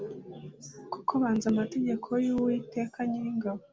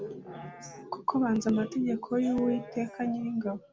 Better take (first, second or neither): first